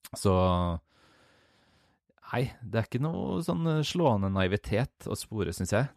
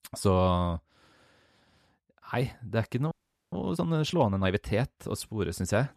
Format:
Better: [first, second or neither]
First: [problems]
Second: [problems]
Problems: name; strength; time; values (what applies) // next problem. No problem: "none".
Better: first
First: none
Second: audio freezing; at 3 s